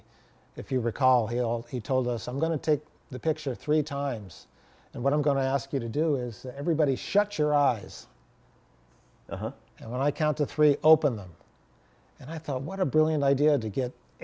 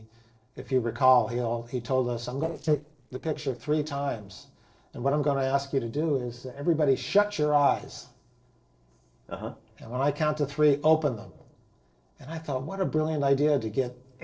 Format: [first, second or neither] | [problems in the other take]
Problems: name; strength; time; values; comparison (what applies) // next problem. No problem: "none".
first | noise reduction (neural separator model SepFormer DNS4)